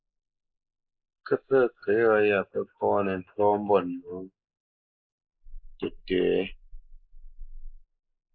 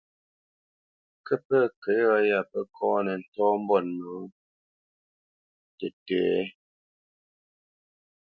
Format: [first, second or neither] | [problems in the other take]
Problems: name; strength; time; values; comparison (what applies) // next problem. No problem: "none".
second | noise reduction (neural mask model Resemble Enhance denoiser)